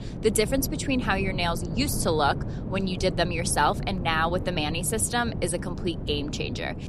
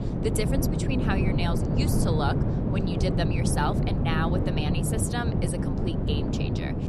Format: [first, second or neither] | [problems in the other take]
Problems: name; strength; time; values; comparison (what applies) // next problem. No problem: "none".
first | wind noise on the microphone; heavy; 1 dB below the speech; occasional gusts in the first